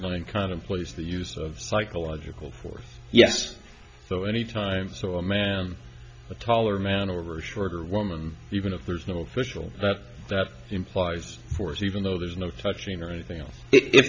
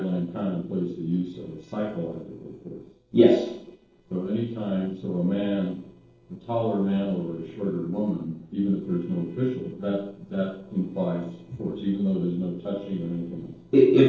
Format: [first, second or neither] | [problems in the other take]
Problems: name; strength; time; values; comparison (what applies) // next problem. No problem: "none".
first | noise reduction (neural separator model SepFormer DNS4)